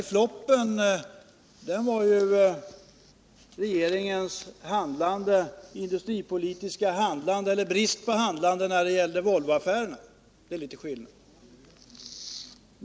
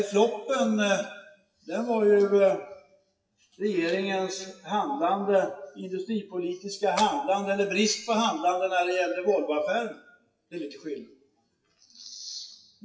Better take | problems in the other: first | noise reduction (classical method WPE with log-MMSE)

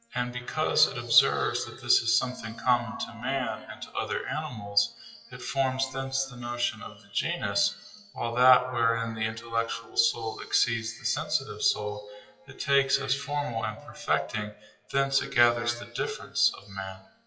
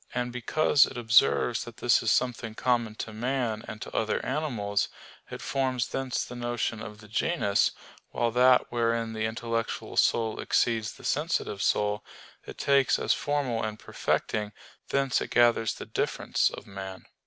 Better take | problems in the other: second | noise reduction (classical method WPE with log-MMSE)

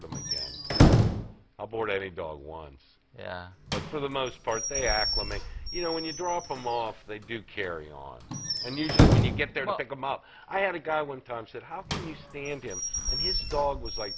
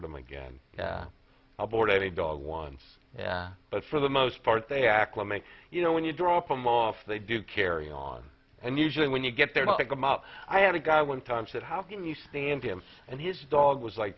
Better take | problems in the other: second | background sound (Squeak / Slam / Wood); 4 dB above the speech

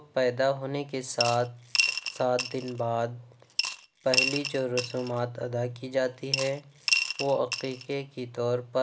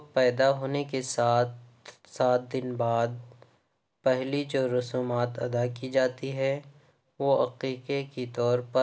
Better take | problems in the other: second | background sound (Coin (dropping) / Glass); 3 dB below the speech

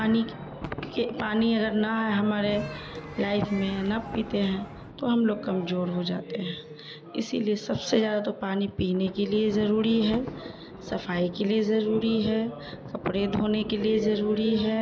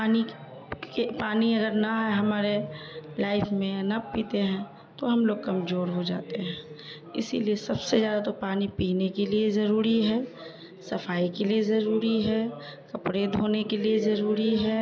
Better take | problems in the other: second | background sound (Human group actions + Thunder); 16 dB below the speech

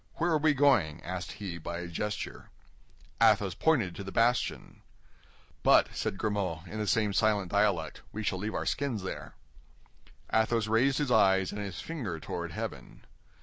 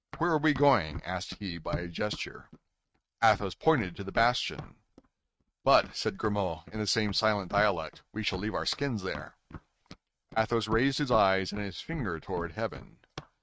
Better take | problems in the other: first | noise reduction (neural mask model RNNoise)

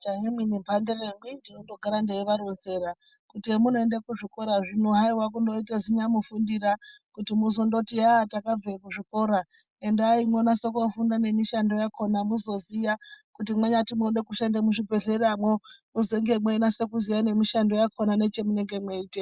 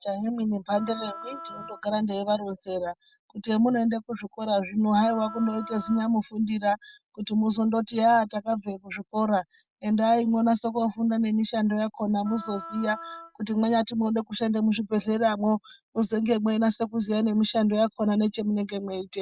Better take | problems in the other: first | background sound (Wind instrument, woodwind instrument); 16 dB below the speech

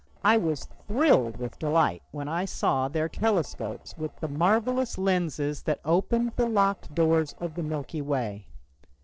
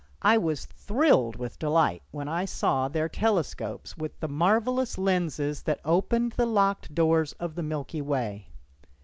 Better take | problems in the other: second | noise reduction (neural separator model SepFormer DNS4)

